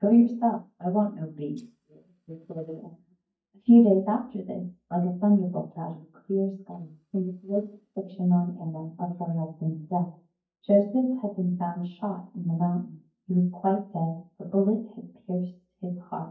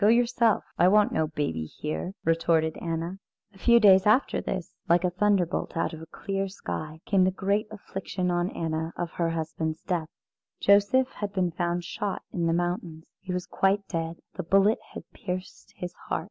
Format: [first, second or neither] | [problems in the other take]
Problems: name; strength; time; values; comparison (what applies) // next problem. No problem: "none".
second | noise reduction (neural mask model DeepFilterNet 3)